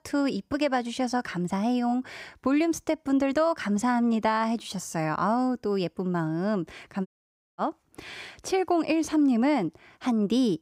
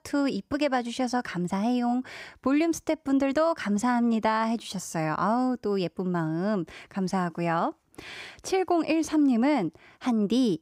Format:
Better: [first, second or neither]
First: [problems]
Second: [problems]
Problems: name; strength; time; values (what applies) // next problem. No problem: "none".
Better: second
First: audio cutting out; at 7 s for 0.5 s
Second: none